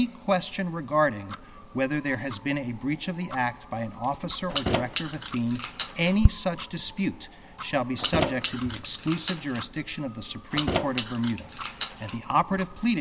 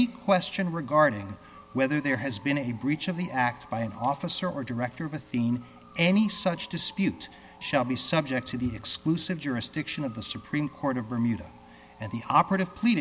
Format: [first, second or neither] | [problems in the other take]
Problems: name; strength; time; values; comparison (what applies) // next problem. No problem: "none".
second | background sound (Tick-tock + Keys jangling); 4 dB below the speech